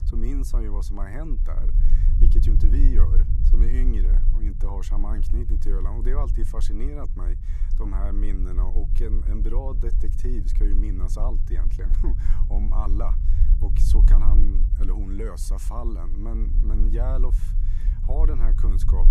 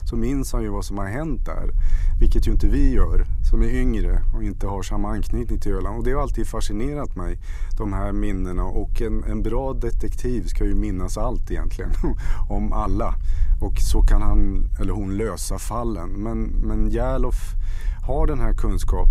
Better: second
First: low rumble; loud; throughout; 7 dB below the speech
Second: low rumble; faint; throughout; 20 dB below the speech

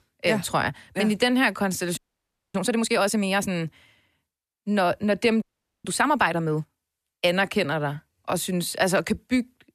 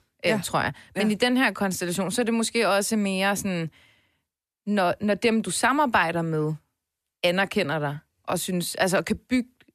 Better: second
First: audio freezing; at 2 s for 0.5 s and at 5.5 s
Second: none

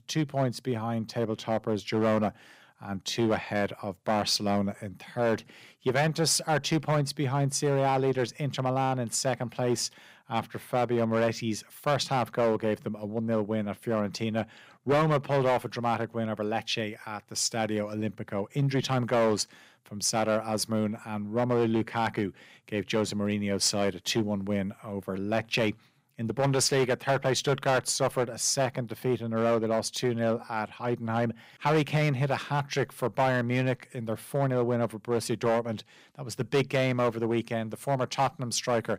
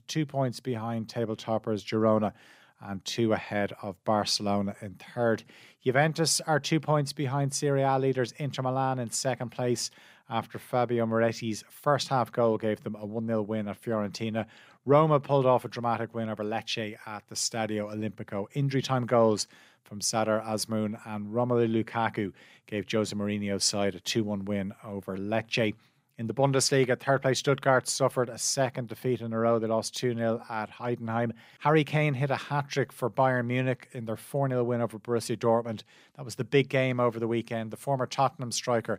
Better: second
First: distortion; slight; 5% of the sound clipped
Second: none

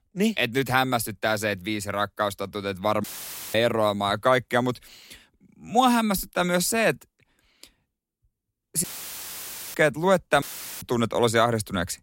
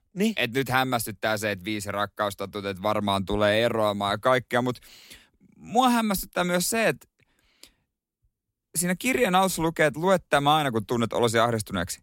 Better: second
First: audio cutting out; filled with static; at 3 s for 0.5 s, at 9 s for 1 s and at 10 s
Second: none

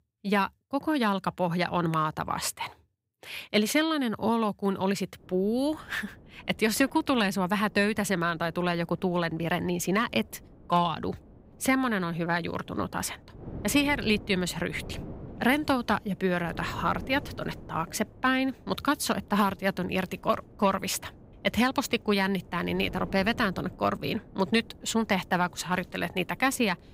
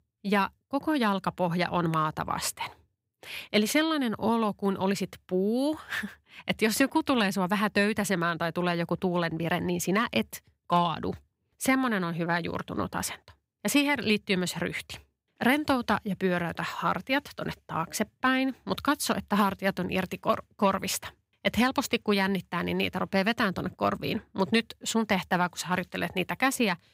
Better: second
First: wind noise on the microphone; occasional gusts; from 5 s on; 25 dB below the speech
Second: none

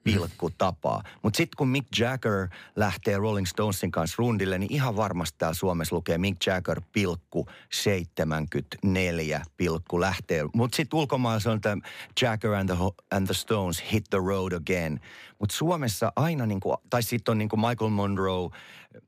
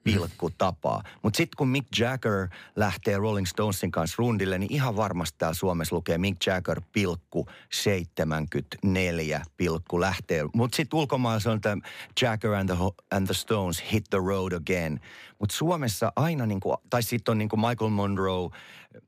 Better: neither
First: none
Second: none

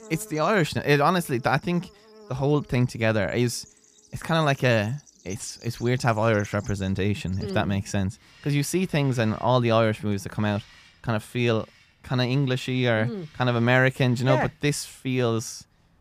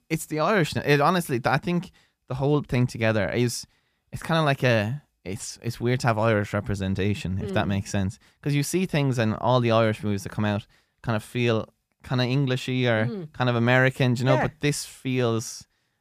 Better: second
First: animal sounds; faint; throughout; 25 dB below the speech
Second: none

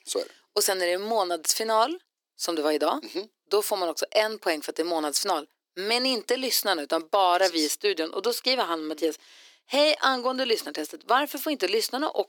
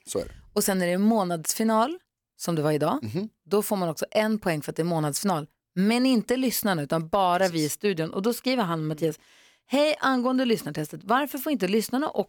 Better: second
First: thin; somewhat; fading below 300 Hz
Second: none

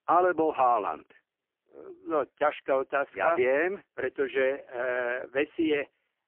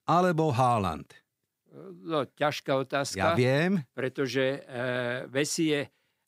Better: second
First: phone-call audio; poor line; nothing above 3 kHz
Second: none

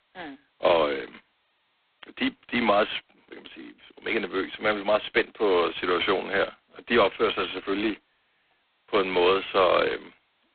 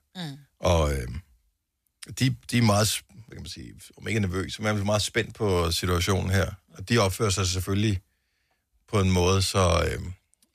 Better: second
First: phone-call audio; poor line; nothing above 3.5 kHz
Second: none

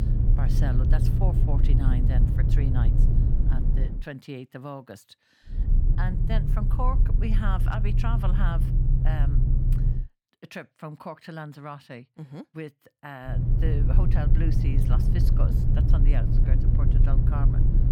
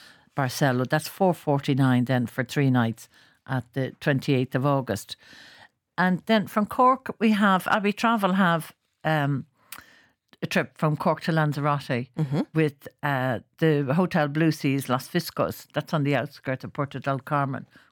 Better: second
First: low rumble; loud; until 4 s, from 5.5 to 10 s and from 13 s on; 1 dB below the speech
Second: none

